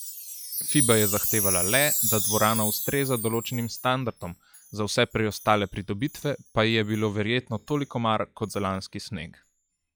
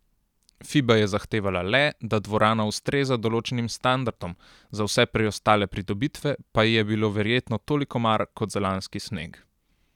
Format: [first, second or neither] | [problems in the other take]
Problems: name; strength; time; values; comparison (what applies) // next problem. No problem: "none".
second | noise reduction (classical method log-MMSE)